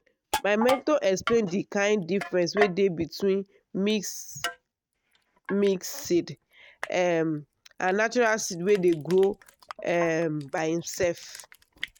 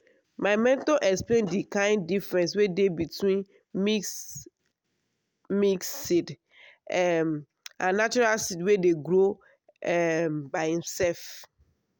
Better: second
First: noise reduction (neural mask model RNNoise)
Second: none

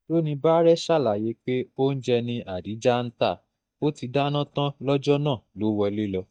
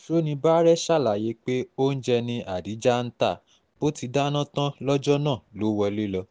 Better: second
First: noise reduction (neural mask model DeepFilterNet 3)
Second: none

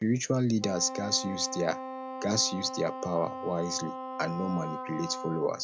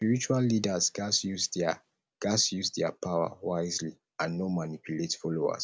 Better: second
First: background sound (Wind instrument, woodwind instrument); 8 dB below the speech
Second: none

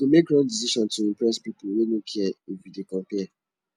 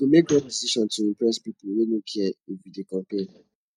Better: first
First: none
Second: noise reduction (neural mask model DeepFilterNet 3)

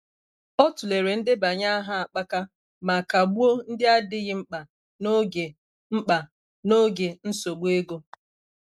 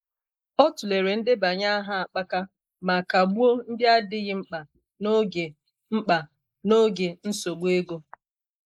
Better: first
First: none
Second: noise reduction (neural mask model Resemble Enhance denoiser)

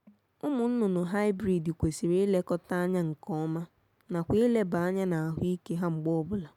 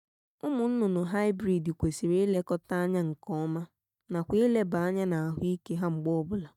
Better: first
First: none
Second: noise reduction (neural mask model DeepFilterNet 3)

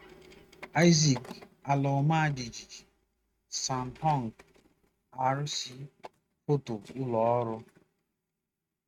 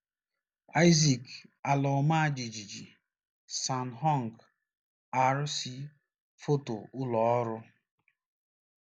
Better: second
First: noise reduction (neural mask model RNNoise)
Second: none

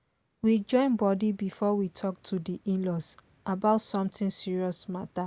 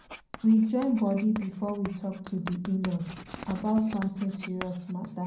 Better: first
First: none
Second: background sound (Writing); 16 dB below the speech // room echo; dies away in 0.6 s

